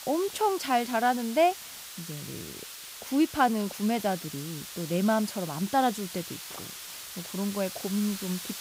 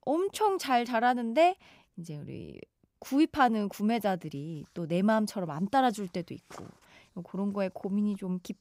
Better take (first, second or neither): second